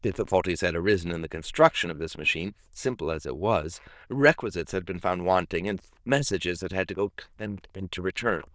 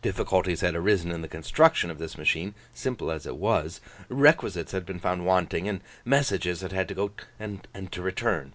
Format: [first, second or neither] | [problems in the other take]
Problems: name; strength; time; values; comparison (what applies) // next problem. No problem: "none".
second | noise reduction (neural diffusion model UNIVERSE++)